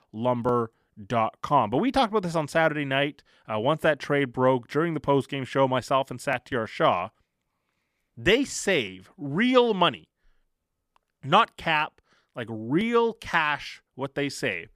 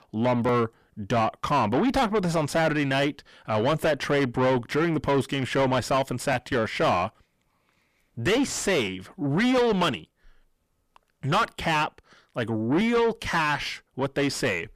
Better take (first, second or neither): first